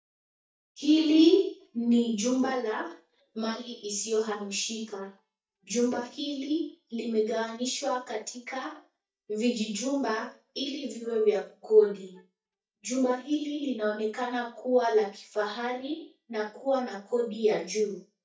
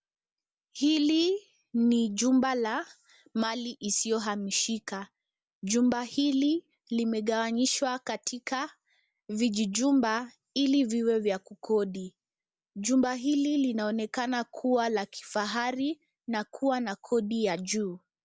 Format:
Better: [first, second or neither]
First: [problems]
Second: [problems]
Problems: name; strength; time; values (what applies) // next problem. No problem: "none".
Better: second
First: noise reduction (neural mask model DeepFilterNet 3)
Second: none